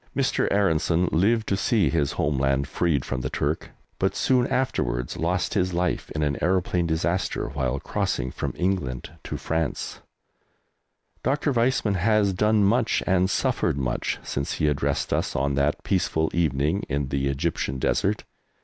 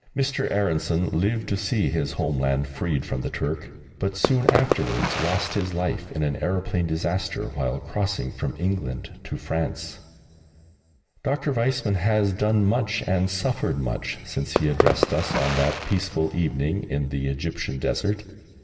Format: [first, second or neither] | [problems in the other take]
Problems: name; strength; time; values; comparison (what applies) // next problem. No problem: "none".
first | background sound (Fireworks); 1 dB below the speech // room echo; dies away in 2.9 s